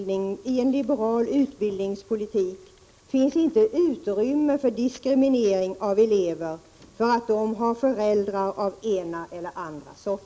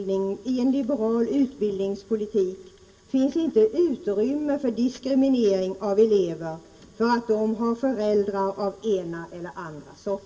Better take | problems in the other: first | room echo; dies away in 1.5 s

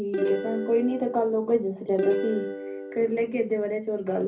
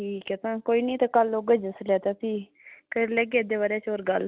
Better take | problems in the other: second | background sound (Plucked string instrument); 5 dB below the speech // room echo; dies away in 0.5 s

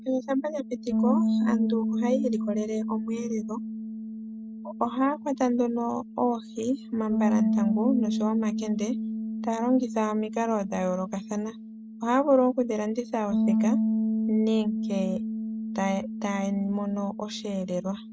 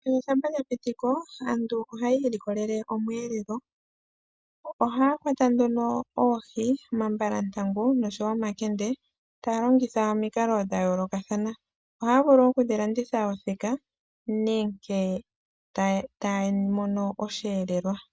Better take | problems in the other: second | background sound (Bass guitar); 1 dB below the speech

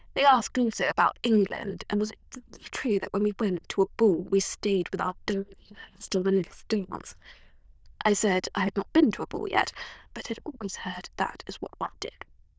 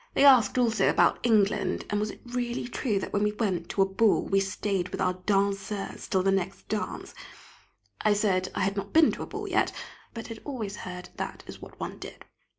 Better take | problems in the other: second | noise reduction (neural diffusion model UNIVERSE++)

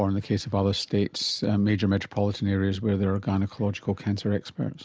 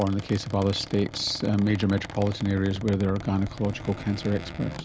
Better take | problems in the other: first | background sound (Squeak); 14 dB below the speech

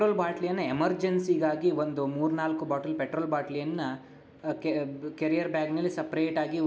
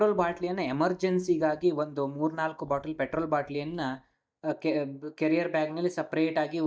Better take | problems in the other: first | noise reduction (neural mask model DeepFilterNet 3)

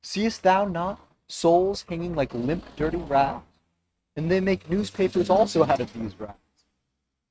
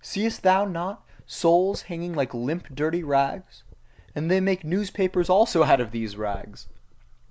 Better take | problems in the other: second | noise reduction (neural mask model RNNoise)

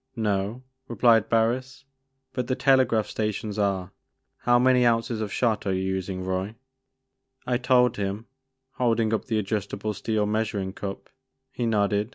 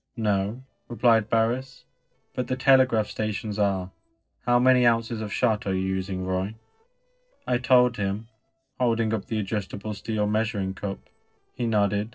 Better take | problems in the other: first | noise reduction (neural separator model SepFormer DNS4)

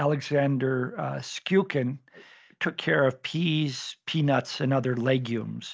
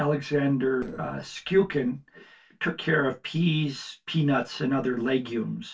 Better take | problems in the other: first | noise reduction (neural separator model SepFormer DNS4)

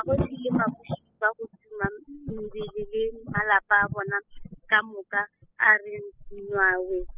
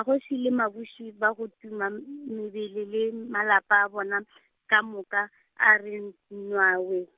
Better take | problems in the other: second | noise reduction (classical method spectral subtraction)

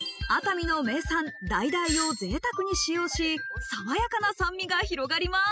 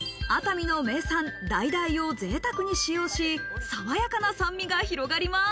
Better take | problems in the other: second | noise reduction (classical method spectral subtraction)

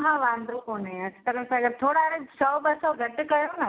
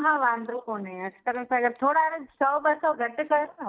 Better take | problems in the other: first | noise reduction (neural mask model DeepFilterNet 3)

